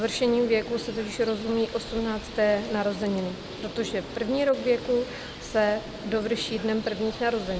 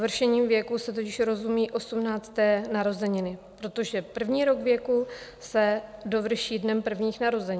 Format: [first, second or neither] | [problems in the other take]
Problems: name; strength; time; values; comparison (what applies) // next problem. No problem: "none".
second | background sound (Bird); 11 dB below the speech